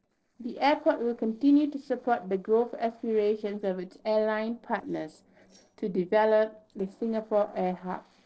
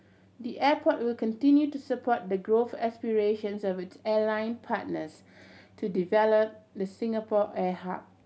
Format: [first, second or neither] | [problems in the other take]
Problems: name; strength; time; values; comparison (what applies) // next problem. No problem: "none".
second | noise reduction (neural separator model SepFormer DNS4)